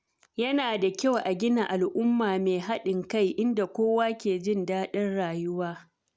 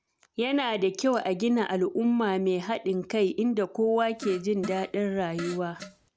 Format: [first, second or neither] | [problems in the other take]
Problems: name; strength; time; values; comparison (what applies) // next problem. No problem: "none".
first | background sound (Fart); 15 dB below the speech